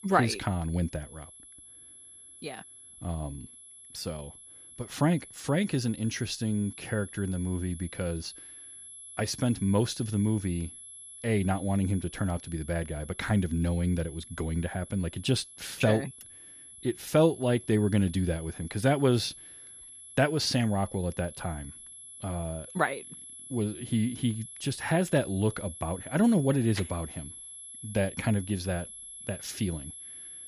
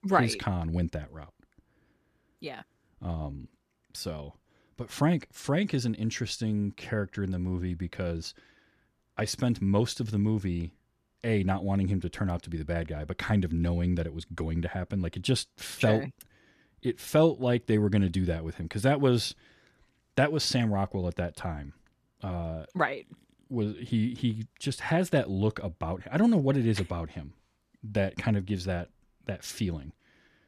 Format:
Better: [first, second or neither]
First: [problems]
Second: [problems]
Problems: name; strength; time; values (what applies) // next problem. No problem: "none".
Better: second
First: high-pitched whine; noticeable; throughout; 11 kHz, 15 dB below the speech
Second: none